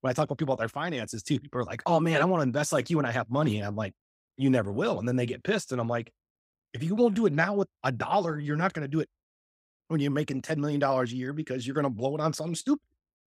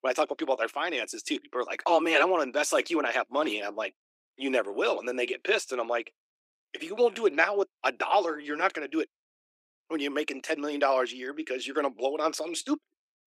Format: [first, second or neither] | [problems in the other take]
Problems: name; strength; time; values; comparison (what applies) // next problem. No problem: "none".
first | thin; somewhat; fading below 300 Hz